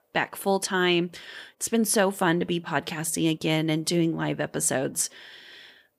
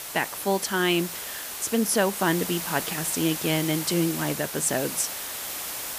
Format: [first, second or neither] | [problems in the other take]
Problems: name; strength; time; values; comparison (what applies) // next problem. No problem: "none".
first | hiss; loud; throughout; 5 dB below the speech